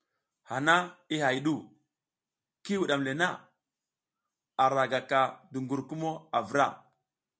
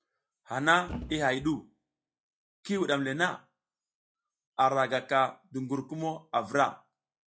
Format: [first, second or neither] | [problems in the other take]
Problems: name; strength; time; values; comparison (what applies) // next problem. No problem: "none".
first | noise reduction (classical method log-MMSE)